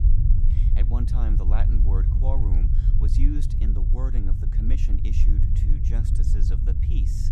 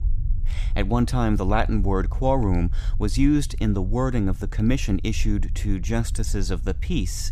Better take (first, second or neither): second